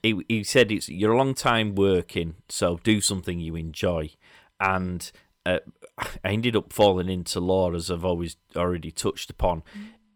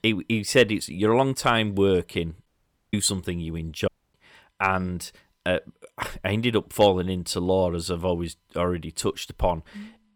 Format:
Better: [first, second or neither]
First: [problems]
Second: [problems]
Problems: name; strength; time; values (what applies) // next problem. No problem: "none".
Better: first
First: none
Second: audio cutting out; at 2.5 s and at 4 s